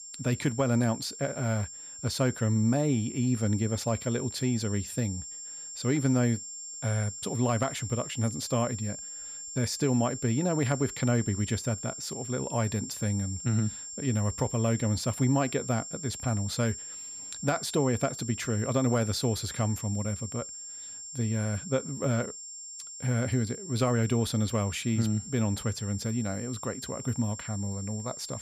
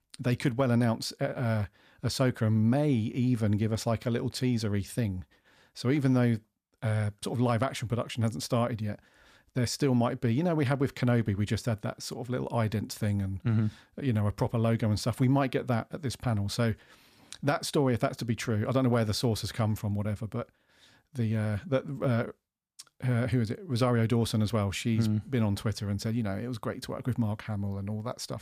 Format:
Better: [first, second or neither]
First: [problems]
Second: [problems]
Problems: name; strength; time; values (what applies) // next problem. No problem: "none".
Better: second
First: high-pitched whine; loud; throughout; 7.5 kHz, 9 dB below the speech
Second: none